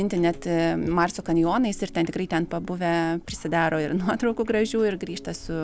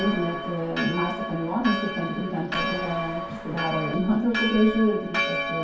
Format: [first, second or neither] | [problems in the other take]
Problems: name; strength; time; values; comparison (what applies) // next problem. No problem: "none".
first | background sound (Church bell); 4 dB below the speech // room echo; dies away in 0.6 s